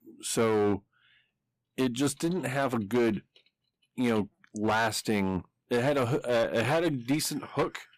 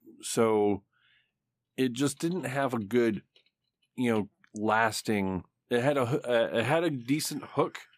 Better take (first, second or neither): second